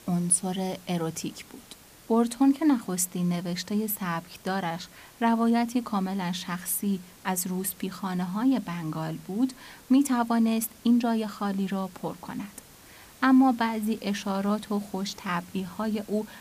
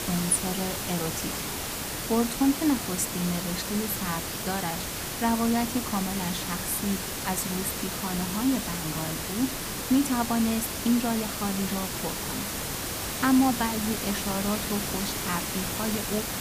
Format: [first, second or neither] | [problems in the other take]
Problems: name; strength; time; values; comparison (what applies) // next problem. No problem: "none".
first | hiss; loud; throughout; 2 dB below the speech; faint in the first